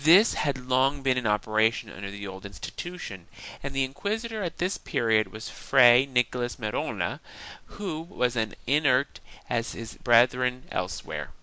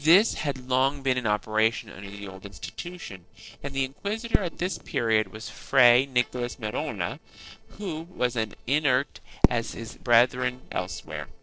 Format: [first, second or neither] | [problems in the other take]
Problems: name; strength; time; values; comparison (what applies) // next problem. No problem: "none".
first | noise reduction (neural separator model SepFormer DNS4)